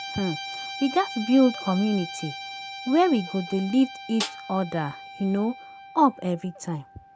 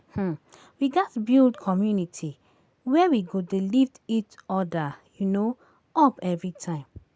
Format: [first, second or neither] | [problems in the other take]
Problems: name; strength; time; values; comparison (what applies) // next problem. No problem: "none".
second | background sound (Snare drum + Guitar); 12 dB below the speech